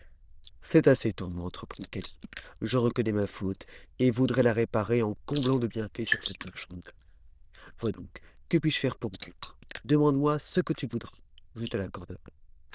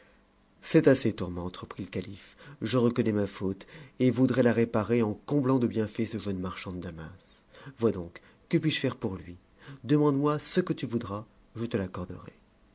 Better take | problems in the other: second | noise reduction (neural diffusion model UNIVERSE++)

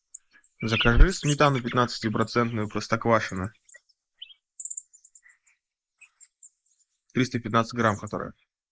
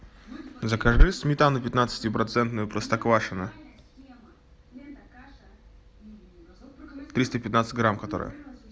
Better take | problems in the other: second | noise reduction (neural mask model Resemble Enhance denoiser)

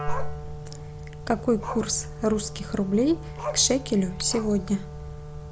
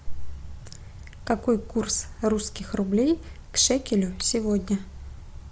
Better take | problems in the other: second | background sound (Wind instrument, woodwind instrument + Growling); 11 dB below the speech

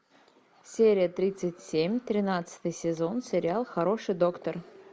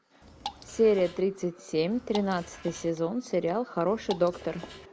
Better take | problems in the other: first | background sound (Drip / Water); 14 dB below the speech

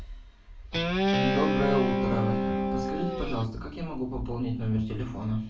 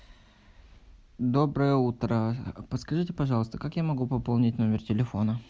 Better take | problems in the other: second | background sound (Guitar); 3 dB above the speech // room echo; dies away in 0.4 s

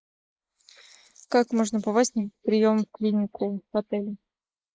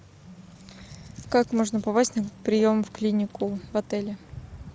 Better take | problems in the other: second | noise reduction (neural mask model Resemble Enhance denoiser)

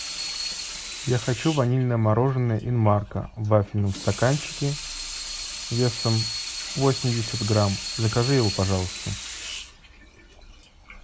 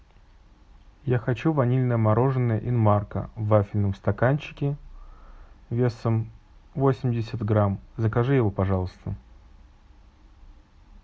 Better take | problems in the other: second | background sound (Sink (filling or washing) / Water tap, faucet); 9 dB below the speech

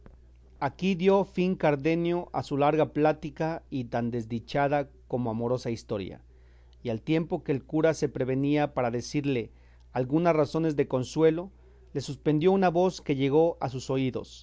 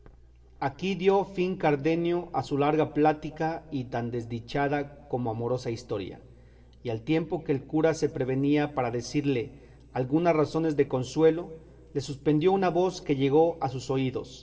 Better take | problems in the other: first | room echo; dies away in 2.6 s

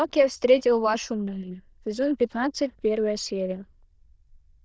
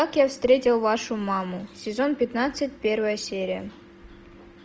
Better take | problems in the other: second | noise reduction (neural diffusion model UNIVERSE++)

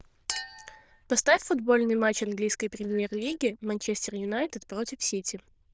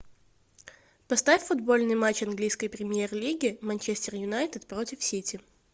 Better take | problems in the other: second | noise reduction (neural diffusion model UNIVERSE++)

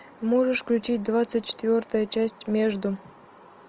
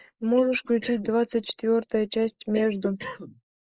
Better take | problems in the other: first | noise reduction (neural mask model Resemble Enhance denoiser)

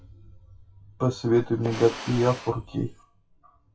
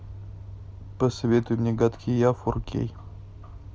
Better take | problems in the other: second | noise reduction (classical method WPE with log-MMSE)

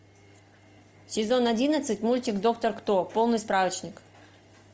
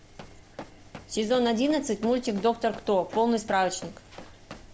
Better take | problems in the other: first | background sound (Run); 18 dB below the speech

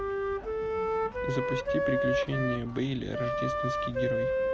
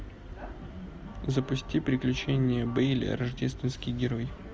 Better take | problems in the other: second | background sound (Wind instrument, woodwind instrument); 4 dB above the speech

